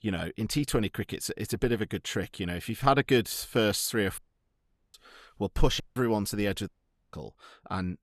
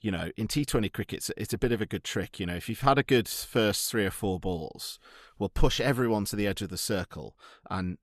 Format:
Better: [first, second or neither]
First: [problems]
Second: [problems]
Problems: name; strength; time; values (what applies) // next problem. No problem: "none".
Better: second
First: audio cutting out; at 4 s for 1 s, at 6 s and at 6.5 s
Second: none